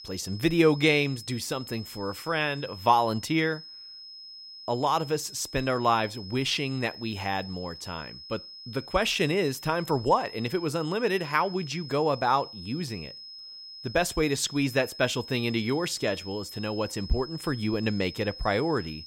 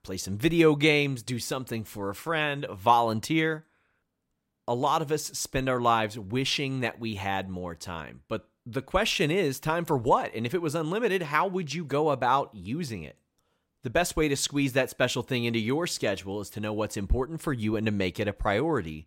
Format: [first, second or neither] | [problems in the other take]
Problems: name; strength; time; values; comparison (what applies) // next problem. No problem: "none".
second | high-pitched whine; noticeable; throughout; 5 kHz, 15 dB below the speech